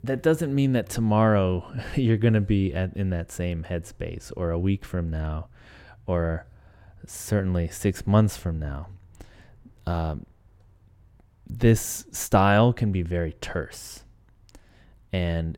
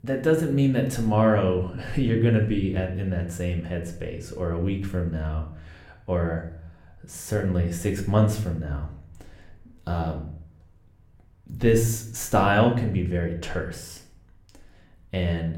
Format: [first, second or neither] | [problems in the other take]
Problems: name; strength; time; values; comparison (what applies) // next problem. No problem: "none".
first | room echo; slight; dies away in 0.5 s // off-mic speech; somewhat distant